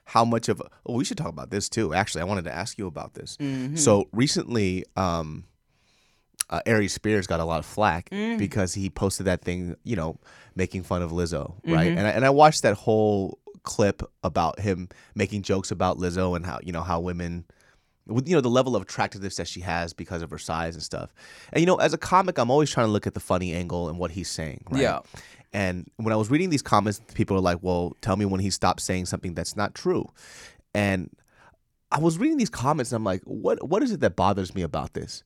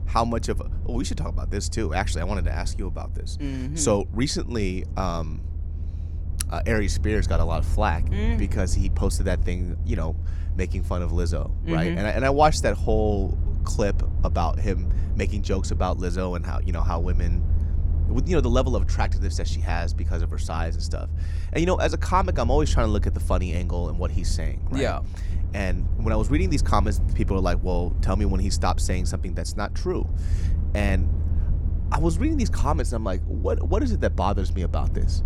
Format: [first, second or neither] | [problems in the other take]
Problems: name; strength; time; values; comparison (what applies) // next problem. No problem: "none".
first | low rumble; noticeable; throughout; 15 dB below the speech